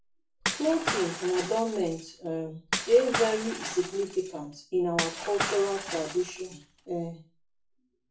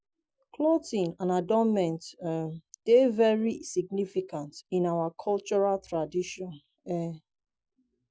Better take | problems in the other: second | background sound (Shatter / Crushing); 5 dB below the speech // room echo; dies away in 0.3 s

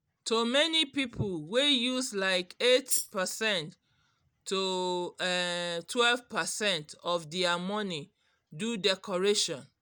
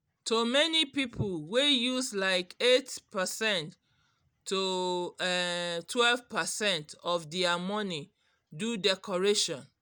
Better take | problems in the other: second | background sound (Tambourine); 1 dB below the speech

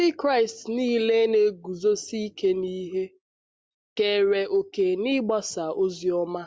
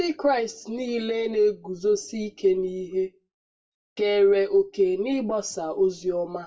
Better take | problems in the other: first | room echo; dies away in 0.2 s

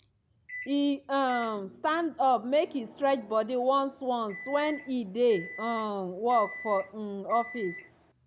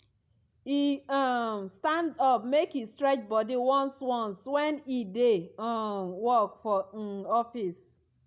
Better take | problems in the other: second | background sound (Microwave oven); 17 dB below the speech

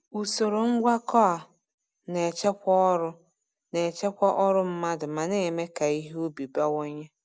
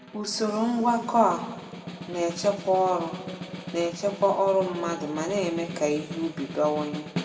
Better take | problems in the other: first | background sound (Snare drum); 11 dB below the speech // room echo; dies away in 1.8 s

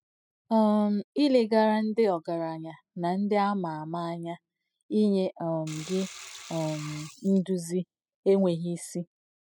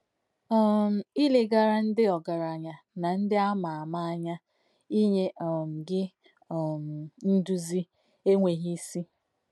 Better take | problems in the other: second | noise reduction (classical method spectral subtraction)

